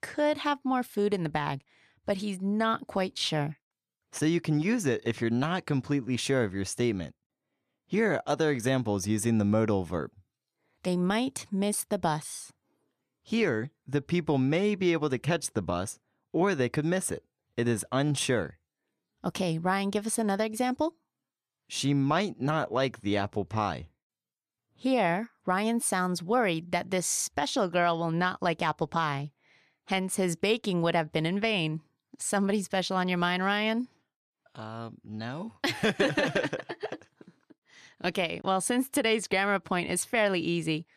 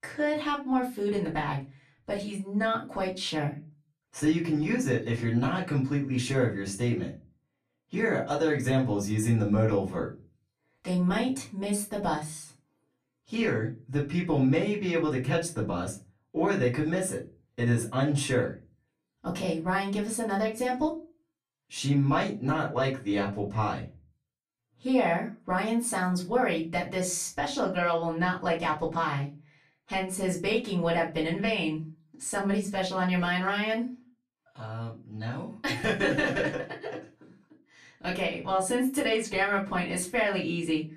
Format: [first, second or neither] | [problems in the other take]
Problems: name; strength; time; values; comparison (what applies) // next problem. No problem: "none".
first | off-mic speech; far // room echo; slight; dies away in 0.3 s